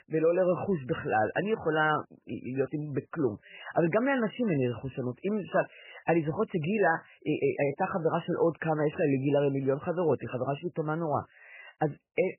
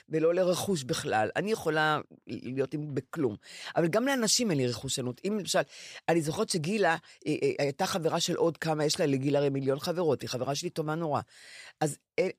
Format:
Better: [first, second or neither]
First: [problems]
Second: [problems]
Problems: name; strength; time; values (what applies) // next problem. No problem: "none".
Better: second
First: garbled, watery; badly; nothing above 3 kHz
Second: none